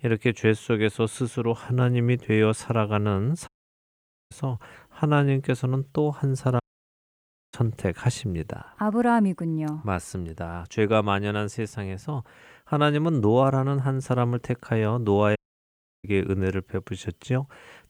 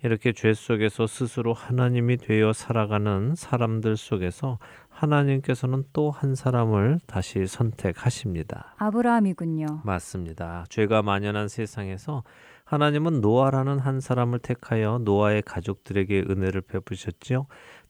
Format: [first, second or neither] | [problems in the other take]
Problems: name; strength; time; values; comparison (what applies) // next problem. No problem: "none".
second | audio cutting out; at 3.5 s for 1 s, at 6.5 s for 1 s and at 15 s for 0.5 s